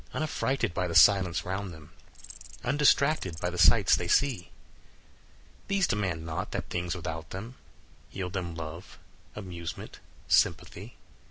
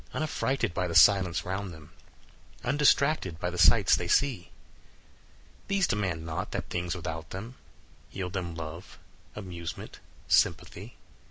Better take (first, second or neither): second